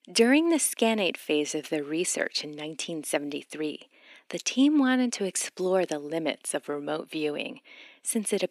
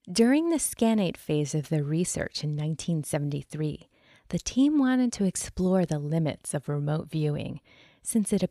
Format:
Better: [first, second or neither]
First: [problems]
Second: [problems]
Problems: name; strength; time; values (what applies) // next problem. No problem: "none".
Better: second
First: thin; very slightly; fading below 250 Hz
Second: none